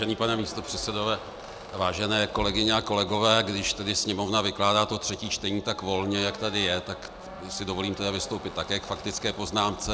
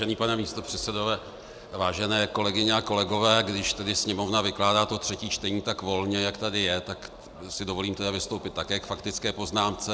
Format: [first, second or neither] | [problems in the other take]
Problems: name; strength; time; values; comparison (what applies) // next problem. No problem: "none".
second | background sound (Squeak); 16 dB below the speech